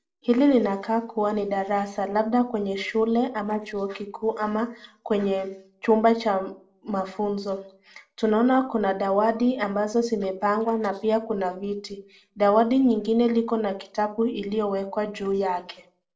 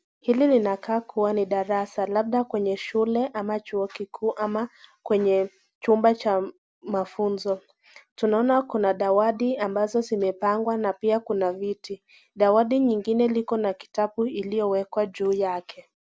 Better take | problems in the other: second | noise reduction (neural separator model SepFormer DNS4)

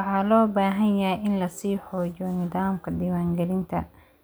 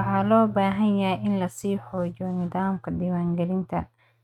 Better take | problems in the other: first | noise reduction (neural mask model RNNoise)

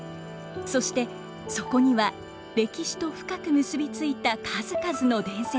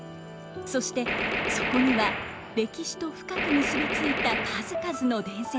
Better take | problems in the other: first | background sound (Gunshot, gunfire); 1 dB below the speech

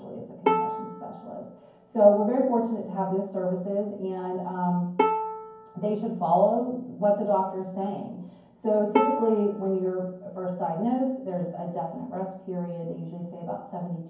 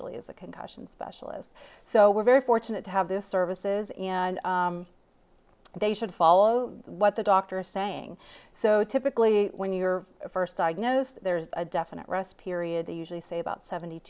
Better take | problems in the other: second | background sound (Bowed string instrument); 5 dB below the speech // room echo; dies away in 0.9 s

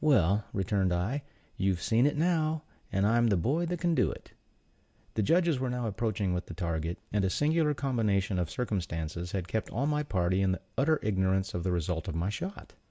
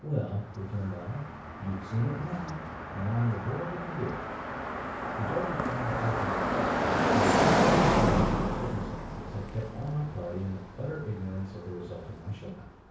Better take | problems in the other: first | background sound (Car passing by); 4 dB above the speech // room echo; dies away in 0.6 s

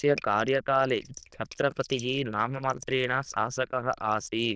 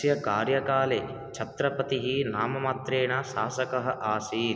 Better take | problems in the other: second | noise reduction (neural diffusion model UNIVERSE++)

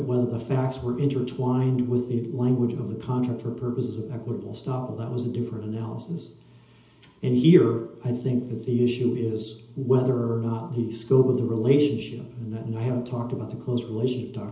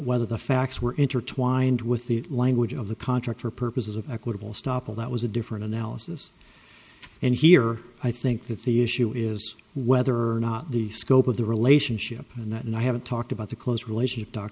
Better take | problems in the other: second | room echo; dies away in 0.8 s

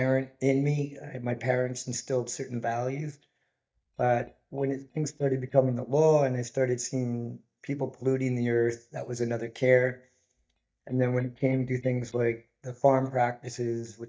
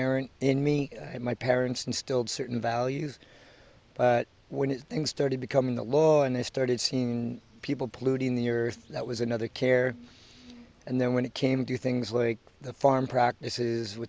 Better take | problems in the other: second | noise reduction (neural mask model DeepFilterNet 3)

